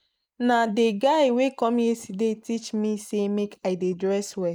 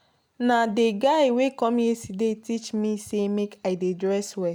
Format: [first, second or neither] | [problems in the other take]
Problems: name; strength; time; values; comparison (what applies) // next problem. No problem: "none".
second | noise reduction (neural mask model Resemble Enhance denoiser)